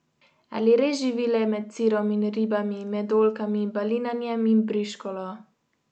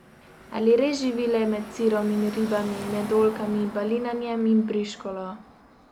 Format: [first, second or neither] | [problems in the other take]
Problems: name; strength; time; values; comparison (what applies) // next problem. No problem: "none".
first | background sound (Car passing by / Traffic noise, roadway noise); 16 dB below the speech